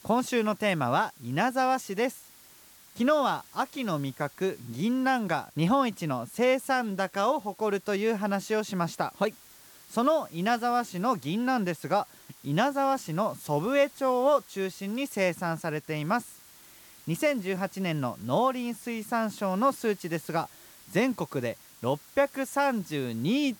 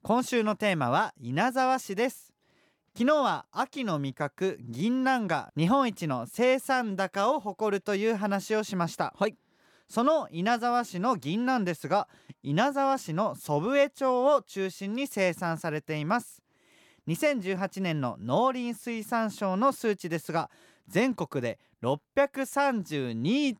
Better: second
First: hiss; faint; throughout; 20 dB below the speech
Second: none

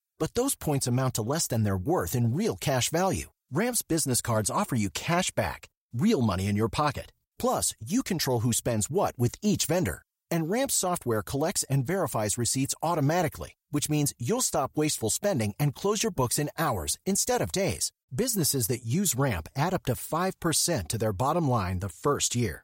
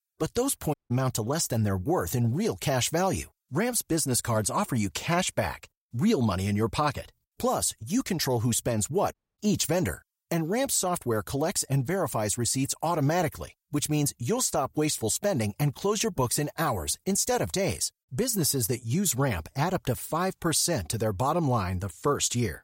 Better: first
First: none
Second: audio cutting out; at 0.5 s and at 9 s

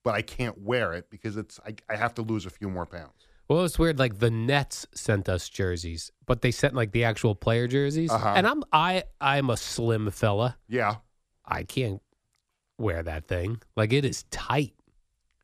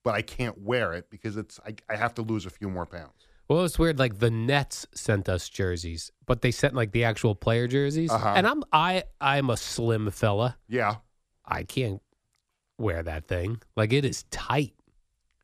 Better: neither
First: none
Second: none

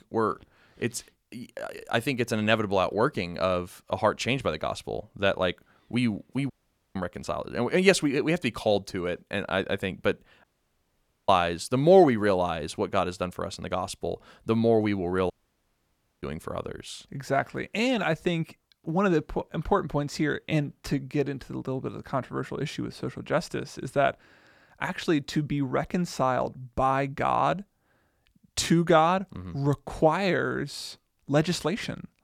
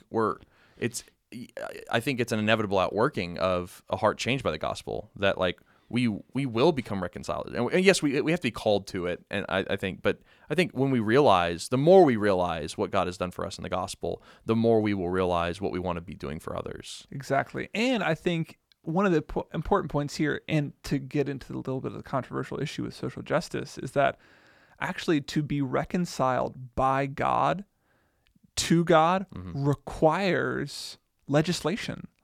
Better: second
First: audio cutting out; at 6.5 s, at 10 s for 1 s and at 15 s for 1 s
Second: none

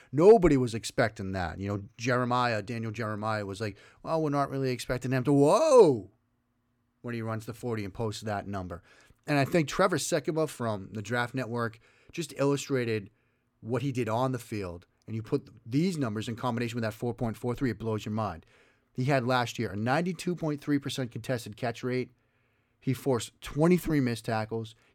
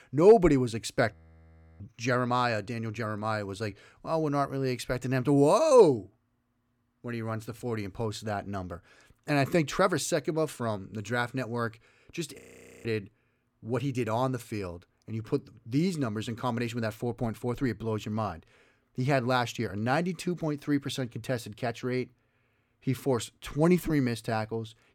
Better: first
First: none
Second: audio freezing; at 1 s for 0.5 s and at 12 s

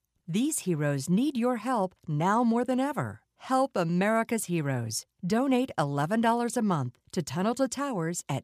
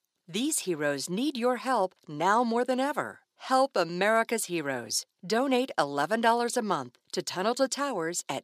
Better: first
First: none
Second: thin; somewhat; fading below 350 Hz

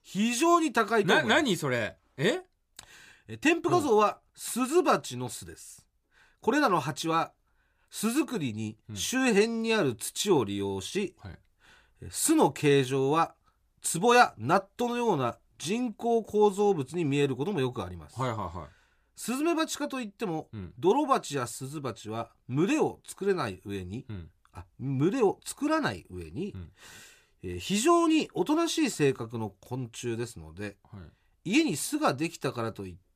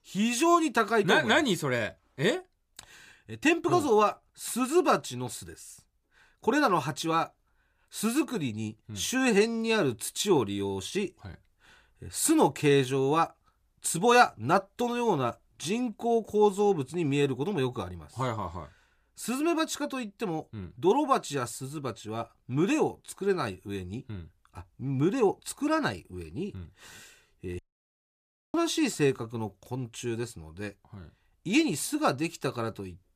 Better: first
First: none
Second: audio cutting out; at 28 s for 1 s

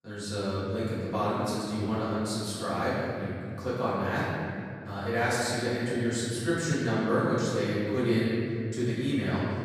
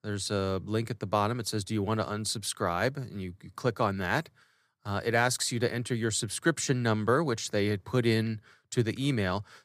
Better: second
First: off-mic speech; far // room echo; strong; dies away in 2.5 s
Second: none

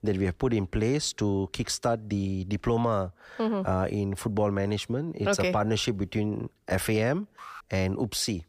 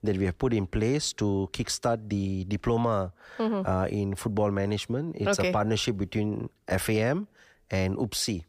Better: second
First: alarm; faint; at 7.5 s; peak 15 dB below the speech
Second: none

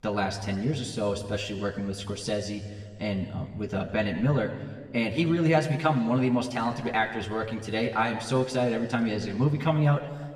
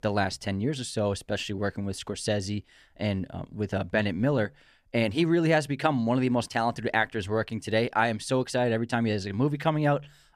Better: second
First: room echo; slight; dies away in 1.5 s // off-mic speech; somewhat distant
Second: none

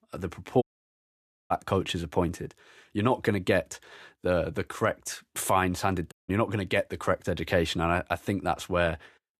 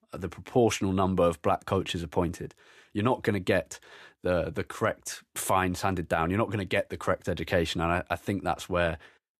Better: second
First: audio cutting out; at 0.5 s for 1 s and at 6 s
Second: none

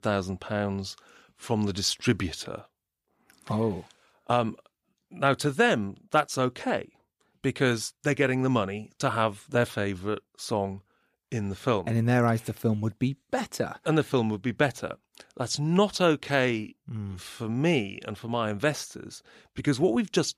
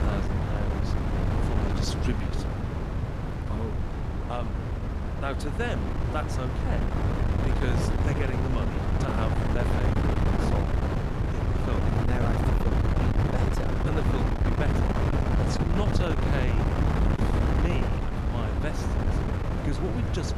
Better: first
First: none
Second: wind noise on the microphone; heavy; 4 dB above the speech

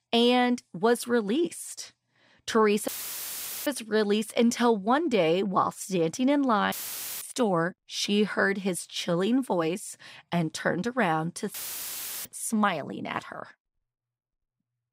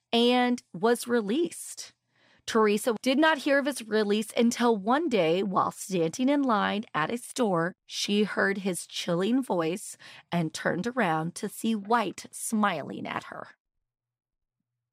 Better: second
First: audio cutting out; filled with static; at 3 s for 1 s, at 6.5 s for 0.5 s and at 12 s for 0.5 s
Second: none

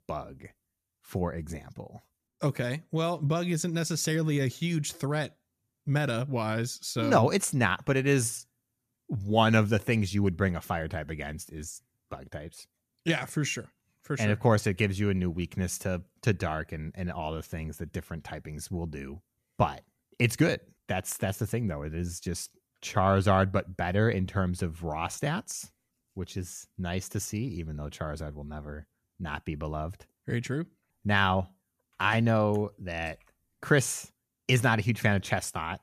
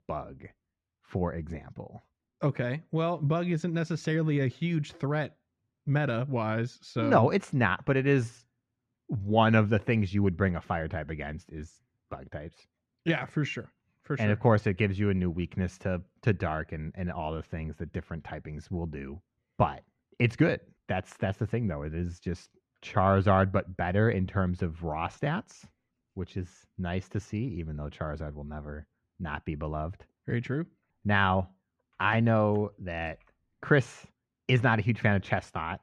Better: first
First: none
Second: muffled; slightly; fading above 2.5 kHz

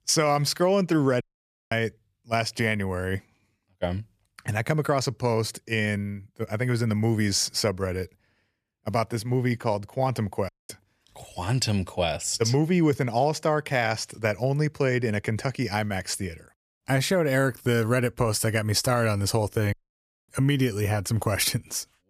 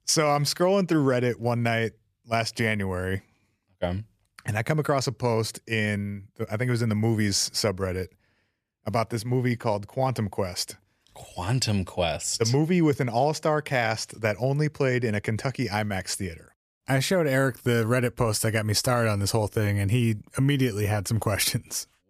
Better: second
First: audio cutting out; at 1 s for 0.5 s, at 10 s and at 20 s for 0.5 s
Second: none

